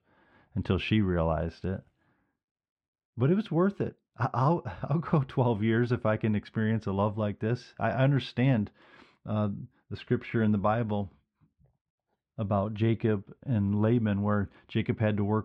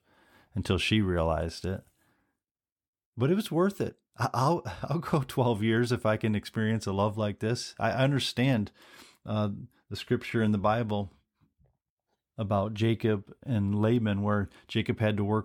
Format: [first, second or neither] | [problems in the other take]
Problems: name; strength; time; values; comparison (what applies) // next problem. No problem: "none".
second | muffled; slightly; fading above 2.5 kHz